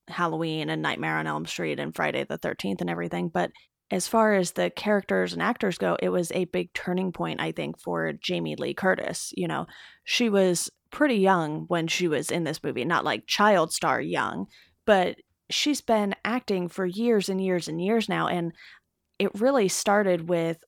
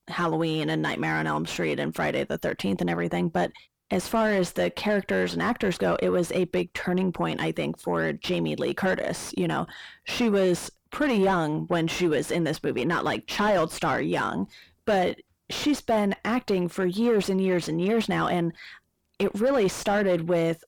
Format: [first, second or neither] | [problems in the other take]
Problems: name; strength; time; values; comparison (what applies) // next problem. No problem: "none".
first | distortion; heavy; 7 dB below the speech